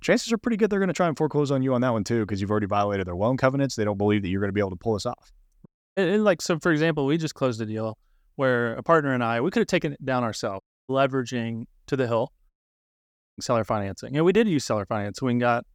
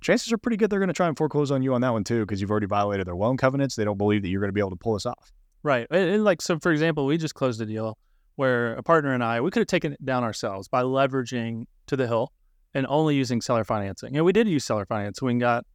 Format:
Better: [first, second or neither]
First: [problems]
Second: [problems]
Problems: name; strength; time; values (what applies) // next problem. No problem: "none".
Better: second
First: audio cutting out; at 5.5 s, at 11 s and at 13 s for 1 s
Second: none